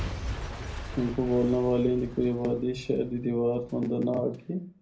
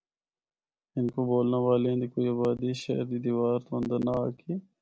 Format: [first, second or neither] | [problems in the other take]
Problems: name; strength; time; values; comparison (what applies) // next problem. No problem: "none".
second | background sound (Shatter / Crushing / Boom); 11 dB below the speech // room echo; dies away in 0.3 s